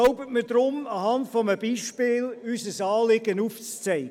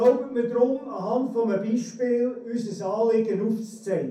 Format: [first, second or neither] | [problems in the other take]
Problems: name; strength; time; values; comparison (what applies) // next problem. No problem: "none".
first | room echo; dies away in 0.6 s